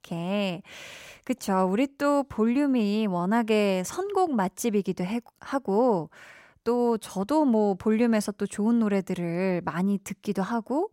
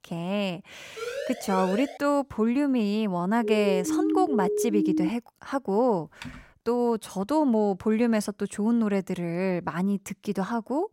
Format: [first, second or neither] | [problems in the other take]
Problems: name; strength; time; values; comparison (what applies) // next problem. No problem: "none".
first | siren; noticeable; from 1 to 2 s; peak 7 dB below the speech // siren; loud; from 3.5 to 5 s; peak 1 dB above the speech // keyboard typing; faint; at 6 s; peak 15 dB below the speech